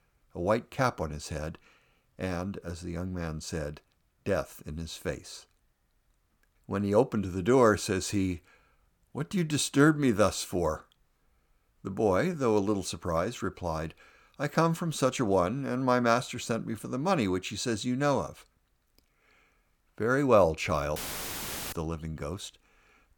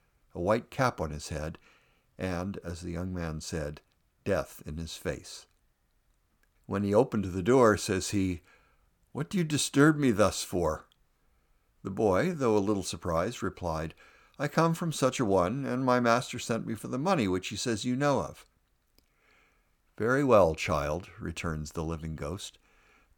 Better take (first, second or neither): second